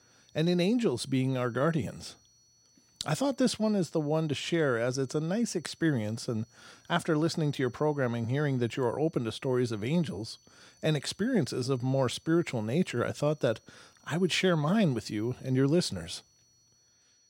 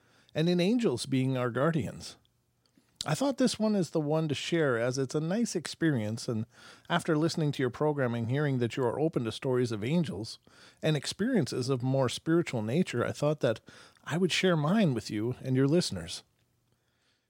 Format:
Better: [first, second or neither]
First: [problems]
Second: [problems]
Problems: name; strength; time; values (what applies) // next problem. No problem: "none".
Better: second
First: high-pitched whine; faint; throughout; 6 kHz, 30 dB below the speech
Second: none